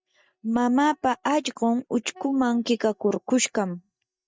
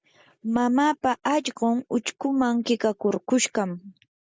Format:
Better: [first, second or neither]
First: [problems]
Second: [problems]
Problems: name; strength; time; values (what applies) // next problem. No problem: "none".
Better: second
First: noise reduction (neural mask model DeepFilterNet 3)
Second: none